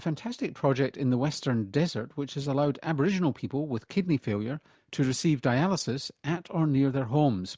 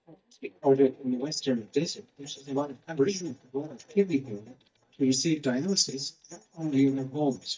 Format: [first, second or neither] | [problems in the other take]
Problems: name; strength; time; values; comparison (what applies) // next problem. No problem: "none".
first | noise reduction (neural mask model DeepFilterNet 3)